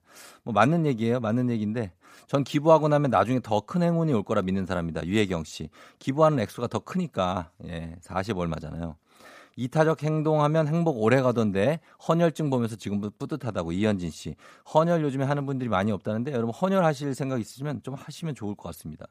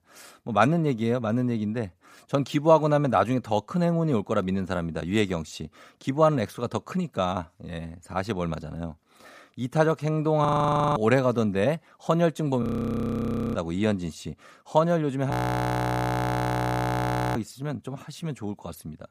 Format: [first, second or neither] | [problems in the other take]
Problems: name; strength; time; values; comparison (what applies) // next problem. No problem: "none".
first | audio freezing; at 10 s for 0.5 s, at 13 s for 1 s and at 15 s for 2 s